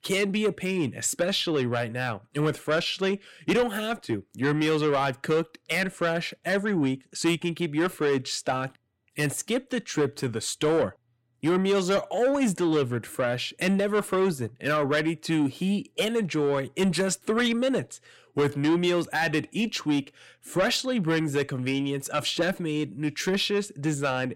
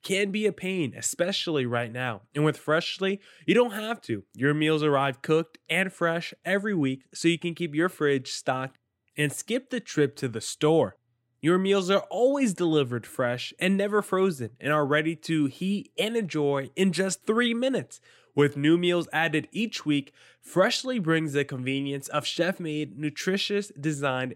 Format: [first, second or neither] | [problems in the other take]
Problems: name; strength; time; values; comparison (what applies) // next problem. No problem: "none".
second | distortion; slight; 10 dB below the speech